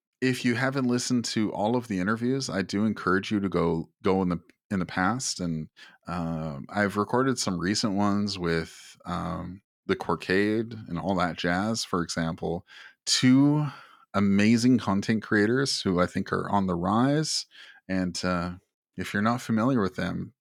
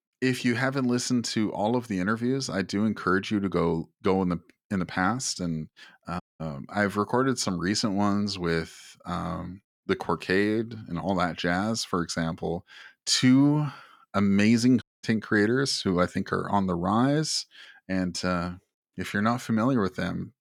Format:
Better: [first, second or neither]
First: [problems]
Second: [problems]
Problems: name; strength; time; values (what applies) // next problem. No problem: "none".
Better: first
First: none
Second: audio cutting out; at 6 s and at 15 s